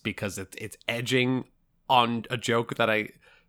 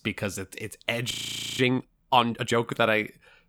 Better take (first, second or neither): first